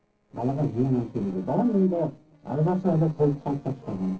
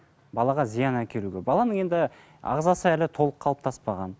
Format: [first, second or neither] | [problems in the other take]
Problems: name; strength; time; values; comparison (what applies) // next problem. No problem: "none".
second | noise reduction (neural separator model SepFormer DNS4)